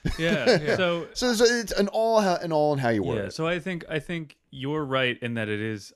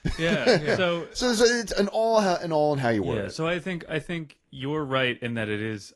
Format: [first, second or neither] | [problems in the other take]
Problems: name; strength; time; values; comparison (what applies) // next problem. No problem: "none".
first | garbled, watery; slightly; nothing above 11.5 kHz